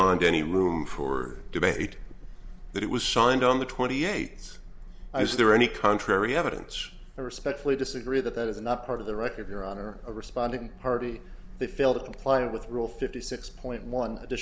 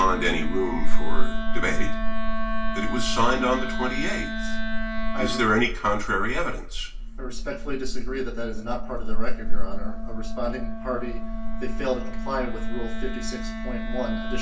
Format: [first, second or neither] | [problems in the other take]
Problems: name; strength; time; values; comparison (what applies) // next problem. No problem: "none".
first | background sound (Wind instrument, woodwind instrument); 14 dB below the speech // room echo; dies away in 0.2 s